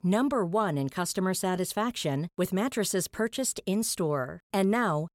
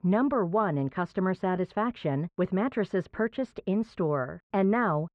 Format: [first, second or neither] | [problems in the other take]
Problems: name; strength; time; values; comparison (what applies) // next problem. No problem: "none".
first | muffled; very; fading above 2 kHz